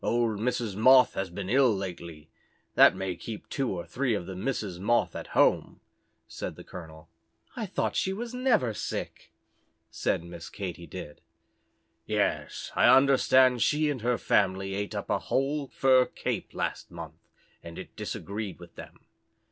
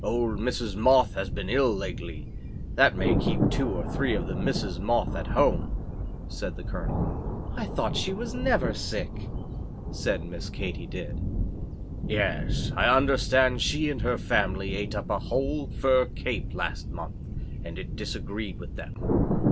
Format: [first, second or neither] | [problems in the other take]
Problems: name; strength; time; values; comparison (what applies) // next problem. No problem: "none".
first | background sound (Thunder); 1 dB below the speech